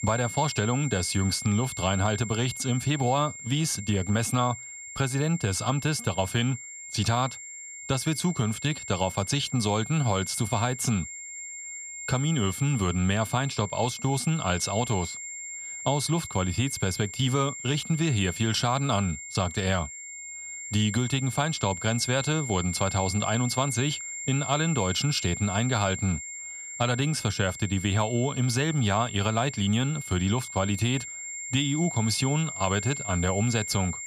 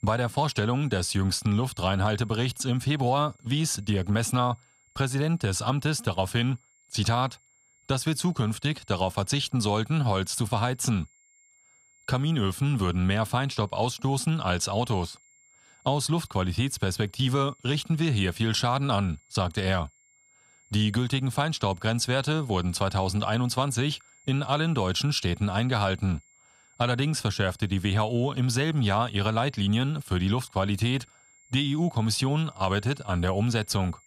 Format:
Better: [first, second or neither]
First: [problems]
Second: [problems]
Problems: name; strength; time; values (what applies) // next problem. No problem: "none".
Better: second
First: high-pitched whine; loud; throughout; 7.5 kHz, 9 dB below the speech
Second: high-pitched whine; faint; throughout; 7.5 kHz, 30 dB below the speech